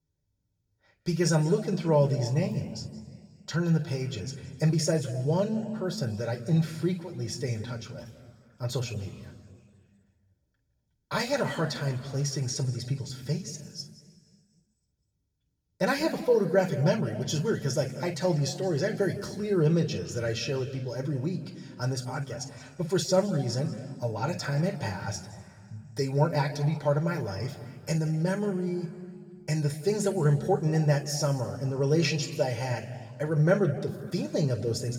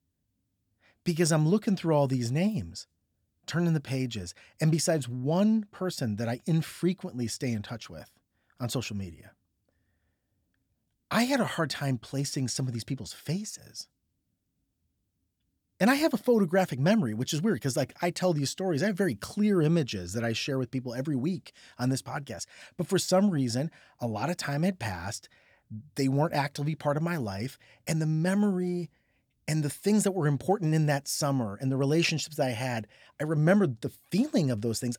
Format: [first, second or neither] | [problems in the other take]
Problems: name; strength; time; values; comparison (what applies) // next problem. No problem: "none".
second | room echo; slight; dies away in 1.8 s // off-mic speech; somewhat distant